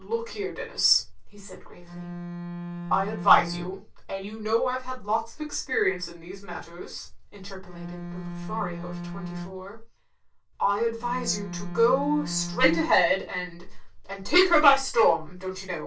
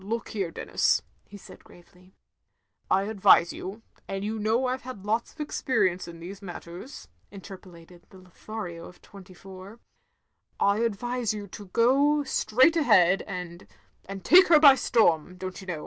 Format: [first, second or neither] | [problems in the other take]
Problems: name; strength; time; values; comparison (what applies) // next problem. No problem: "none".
second | background sound (Bowed string instrument); 8 dB below the speech // room echo; dies away in 0.2 s